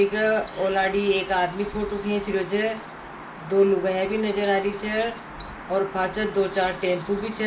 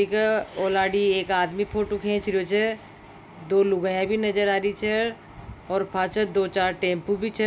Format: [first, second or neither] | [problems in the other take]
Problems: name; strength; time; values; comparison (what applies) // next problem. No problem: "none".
second | background sound (Chirp, tweet); 15 dB below the speech // room echo; dies away in 0.3 s